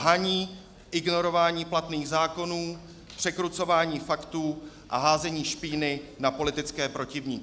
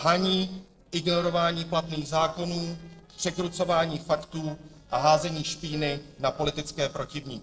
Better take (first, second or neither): first